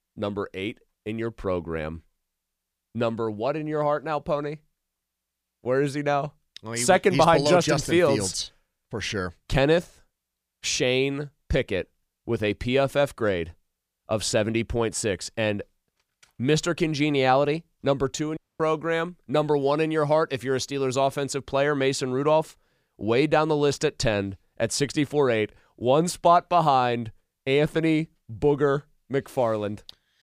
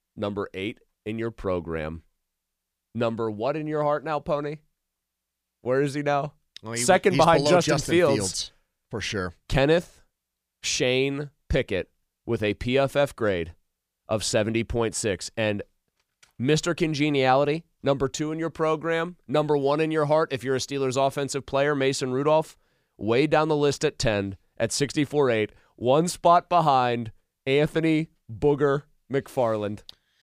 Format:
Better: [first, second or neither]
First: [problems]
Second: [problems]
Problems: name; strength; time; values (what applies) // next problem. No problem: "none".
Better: second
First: audio cutting out; at 18 s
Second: none